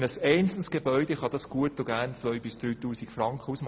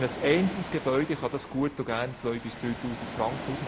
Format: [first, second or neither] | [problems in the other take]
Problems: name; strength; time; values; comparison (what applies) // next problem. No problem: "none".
first | background sound (Ocean); 10 dB below the speech